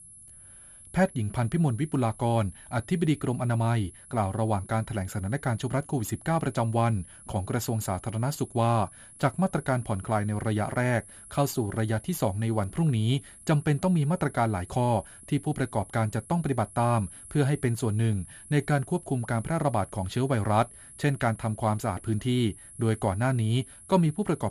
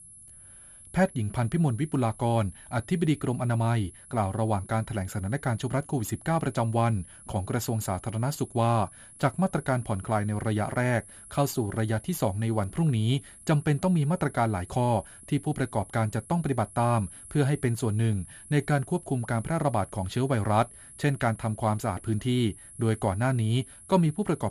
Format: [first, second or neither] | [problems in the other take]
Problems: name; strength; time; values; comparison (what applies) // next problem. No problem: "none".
neither | high-pitched whine; noticeable; throughout; 11 kHz, 20 dB below the speech; the same in both